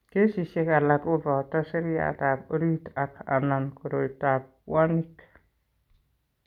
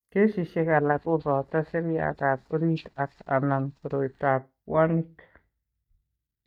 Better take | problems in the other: first | noise reduction (neural mask model DeepFilterNet 3)

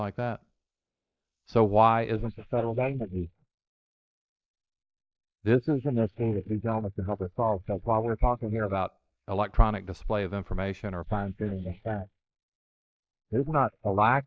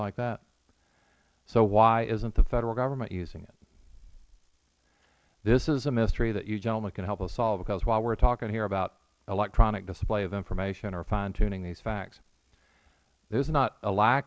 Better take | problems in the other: second | noise reduction (neural mask model Resemble Enhance denoiser)

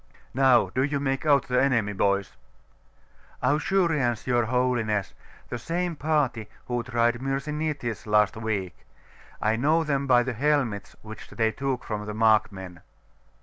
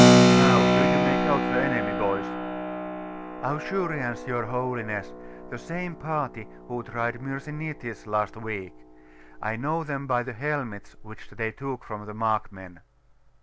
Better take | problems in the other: first | background sound (Keyboard (musical)); 4 dB above the speech

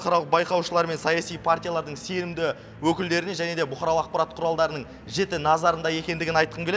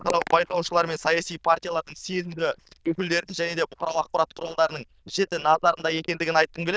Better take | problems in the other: first | noise reduction (neural diffusion model UNIVERSE++)

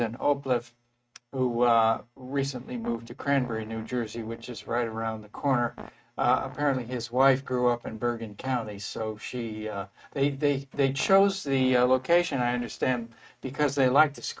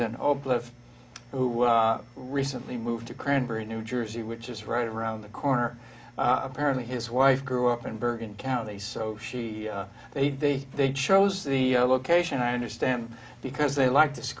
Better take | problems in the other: second | noise reduction (neural mask model RNNoise)

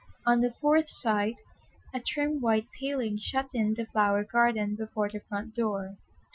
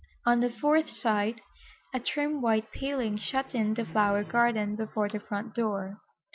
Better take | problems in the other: second | noise reduction (classical method Wiener filter)

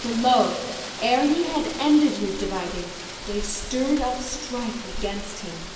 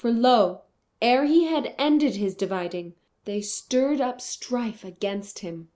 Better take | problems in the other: second | background sound (Rain); 9 dB below the speech // room echo; dies away in 1.4 s

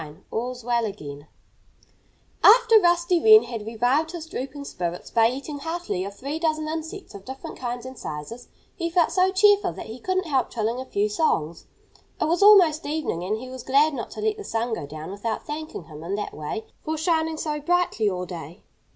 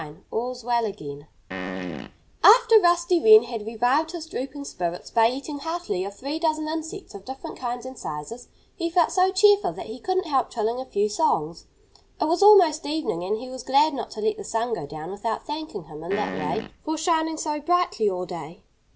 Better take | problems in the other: first | background sound (Fart); 8 dB below the speech

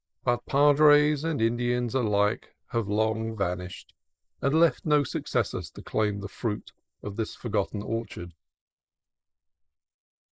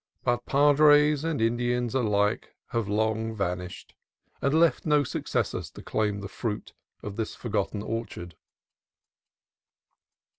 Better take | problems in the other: second | noise reduction (neural mask model Resemble Enhance denoiser)

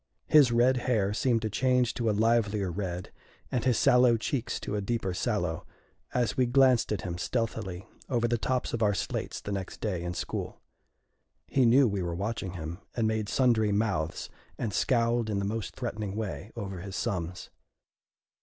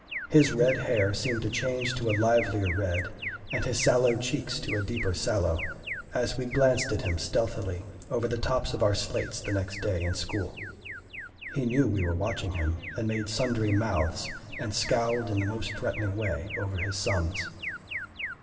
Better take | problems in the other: first | background sound (Alarm); 11 dB below the speech // room echo; dies away in 2.7 s

